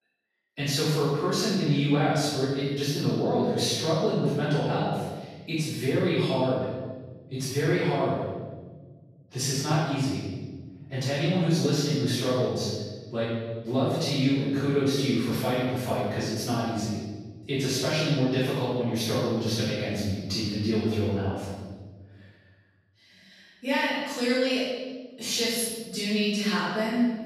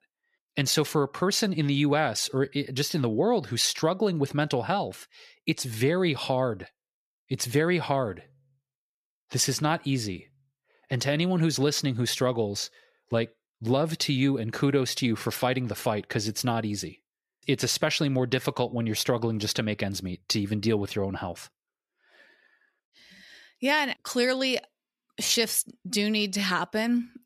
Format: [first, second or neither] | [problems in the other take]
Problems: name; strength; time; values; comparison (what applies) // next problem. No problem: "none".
second | off-mic speech; far // room echo; strong; dies away in 1.4 s